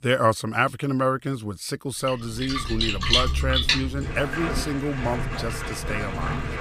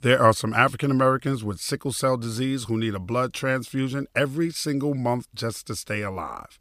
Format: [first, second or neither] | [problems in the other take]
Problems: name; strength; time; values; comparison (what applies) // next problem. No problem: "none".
second | rain or running water; very loud; from 2.5 s on; 1 dB above the speech